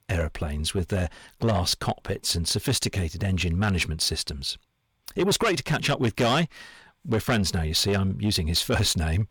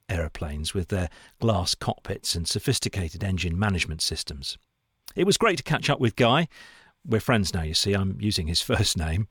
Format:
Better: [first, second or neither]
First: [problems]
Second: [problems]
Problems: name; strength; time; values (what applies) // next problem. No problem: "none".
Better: second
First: distortion; slight; 10 dB below the speech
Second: none